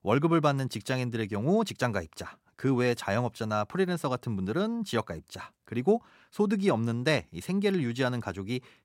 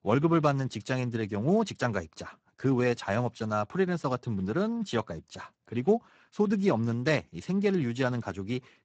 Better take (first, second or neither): first